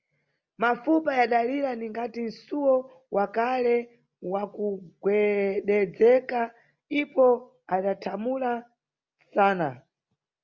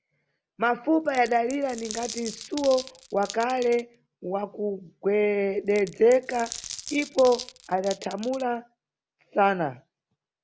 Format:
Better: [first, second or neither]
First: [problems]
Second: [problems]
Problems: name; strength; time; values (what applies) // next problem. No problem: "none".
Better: first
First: none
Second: background sound (Glass); 15 dB below the speech